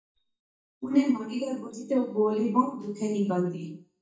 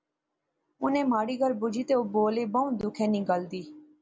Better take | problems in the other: second | noise reduction (neural mask model DeepFilterNet 3)

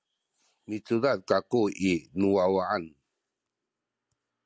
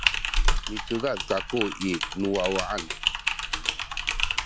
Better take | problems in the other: first | background sound (Typing); 3 dB above the speech

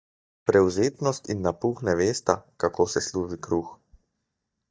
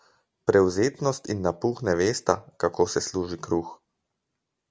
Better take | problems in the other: second | noise reduction (neural mask model DeepFilterNet 3)

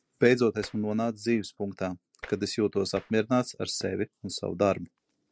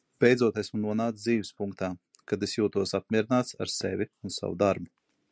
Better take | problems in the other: second | noise reduction (neural separator model SepFormer DNS4)

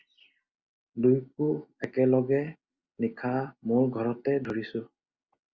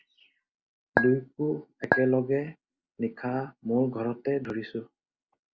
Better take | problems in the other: first | background sound (Chink, clink); 1 dB above the speech

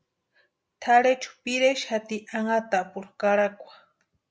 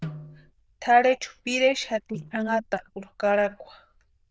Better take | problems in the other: first | noise reduction (neural diffusion model UNIVERSE++)

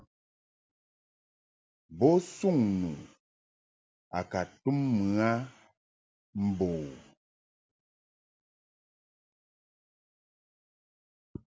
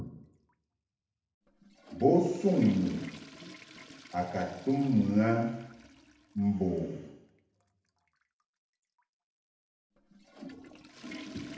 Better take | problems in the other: first | background sound (Toilet flush / Water); 18 dB below the speech // room echo; dies away in 0.8 s

